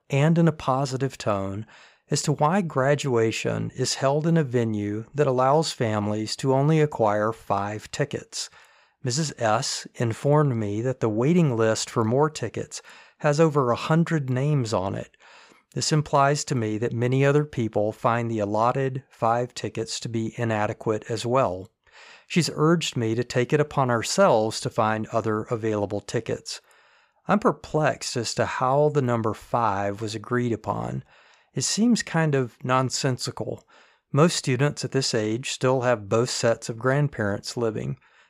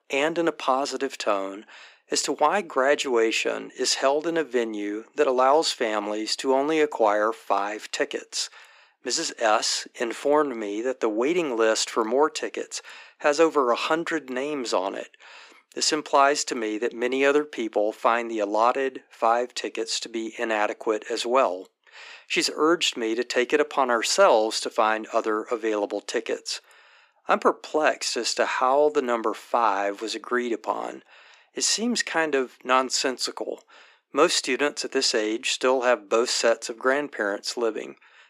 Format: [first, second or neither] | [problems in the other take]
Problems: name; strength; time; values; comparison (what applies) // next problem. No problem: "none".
first | thin; somewhat; fading below 250 Hz